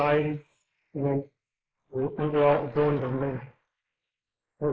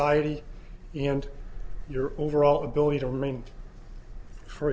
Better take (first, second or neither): second